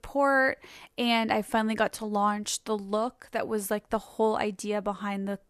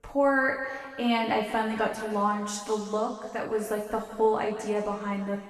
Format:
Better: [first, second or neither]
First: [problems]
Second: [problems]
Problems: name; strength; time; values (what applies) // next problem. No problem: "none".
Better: first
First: none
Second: room echo; noticeable; dies away in 2.1 s // off-mic speech; far